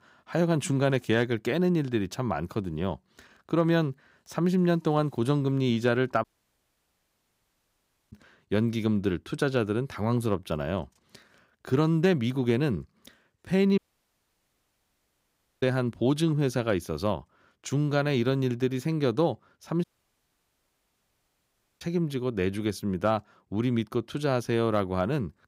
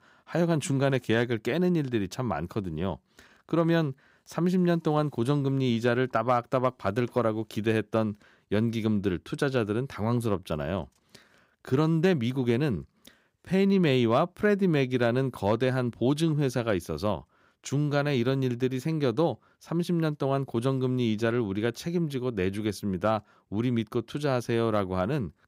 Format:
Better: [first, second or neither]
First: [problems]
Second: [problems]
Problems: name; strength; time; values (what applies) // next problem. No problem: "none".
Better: second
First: audio cutting out; at 6 s for 2 s, at 14 s for 2 s and at 20 s for 2 s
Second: none